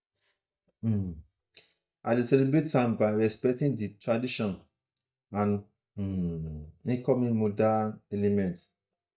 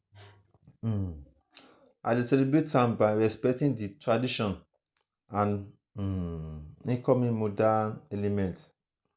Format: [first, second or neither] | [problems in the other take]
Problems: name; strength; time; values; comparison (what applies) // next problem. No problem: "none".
second | noise reduction (neural mask model DeepFilterNet 3)